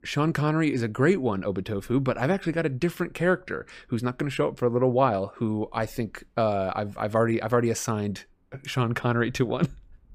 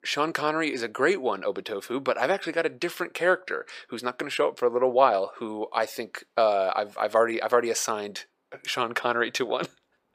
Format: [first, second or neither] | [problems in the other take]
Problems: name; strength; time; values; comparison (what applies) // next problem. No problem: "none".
first | thin; very; fading below 550 Hz